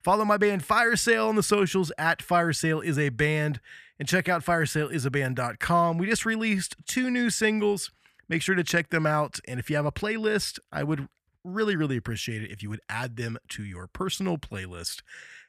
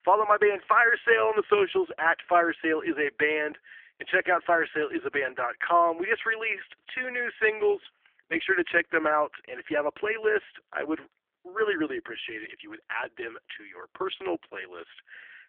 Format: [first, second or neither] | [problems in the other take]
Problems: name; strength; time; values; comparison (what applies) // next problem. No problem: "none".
first | phone-call audio; poor line; nothing above 3.5 kHz